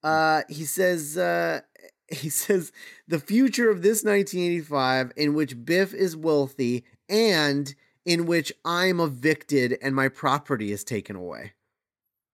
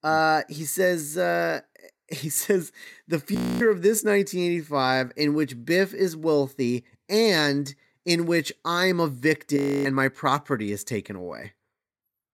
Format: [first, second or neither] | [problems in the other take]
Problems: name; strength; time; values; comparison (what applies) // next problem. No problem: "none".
first | audio freezing; at 3.5 s and at 9.5 s